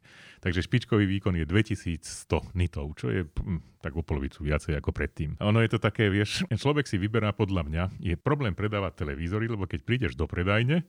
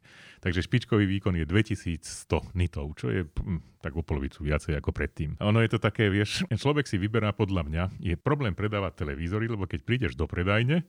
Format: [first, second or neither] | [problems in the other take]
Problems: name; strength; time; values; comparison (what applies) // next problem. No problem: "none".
neither | none